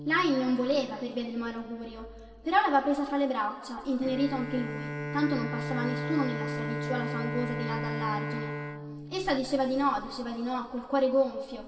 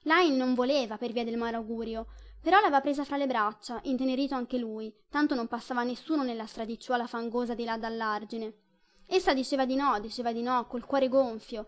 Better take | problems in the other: second | background sound (Bowed string instrument); 7 dB below the speech // room echo; dies away in 2.2 s

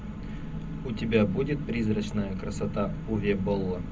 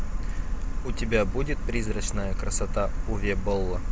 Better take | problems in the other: second | room echo; dies away in 0.4 s

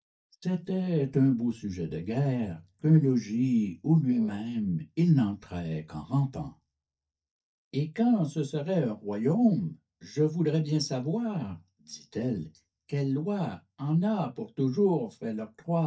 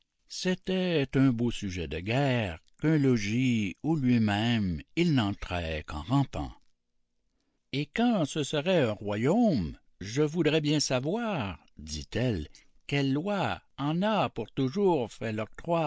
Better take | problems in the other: second | noise reduction (neural mask model DeepFilterNet 3)

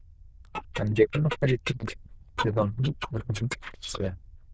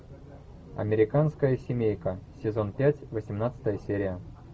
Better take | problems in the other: second | noise reduction (neural diffusion model UNIVERSE++)

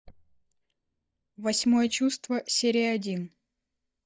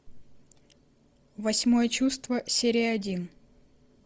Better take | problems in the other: second | noise reduction (neural mask model DeepFilterNet 3)

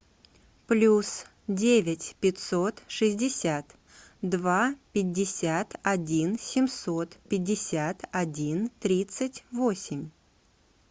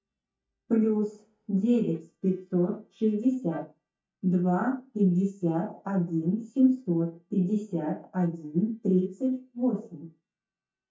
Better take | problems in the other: first | noise reduction (neural mask model DeepFilterNet 3)

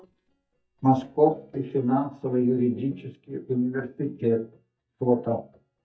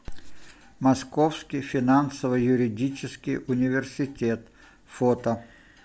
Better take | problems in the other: second | noise reduction (neural mask model DeepFilterNet 3)

